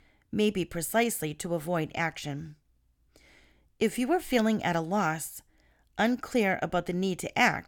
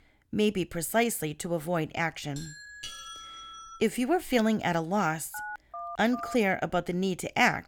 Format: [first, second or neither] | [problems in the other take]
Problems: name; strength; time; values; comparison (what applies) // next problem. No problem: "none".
first | doorbell; faint; from 2.5 to 4 s; peak 10 dB below the speech // phone ringing; faint; from 5.5 to 6.5 s; peak 10 dB below the speech